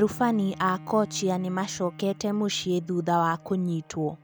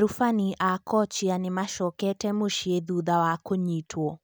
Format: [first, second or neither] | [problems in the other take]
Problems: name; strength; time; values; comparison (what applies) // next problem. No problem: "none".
second | background sound (Bowed string instrument); 19 dB below the speech